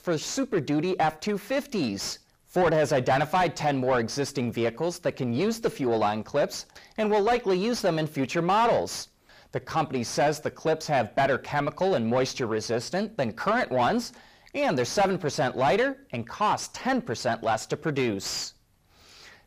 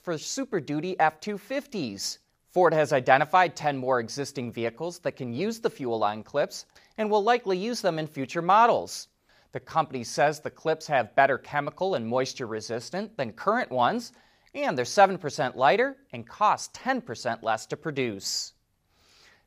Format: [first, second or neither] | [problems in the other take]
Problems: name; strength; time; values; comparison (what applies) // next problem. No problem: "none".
second | distortion; heavy; 6 dB below the speech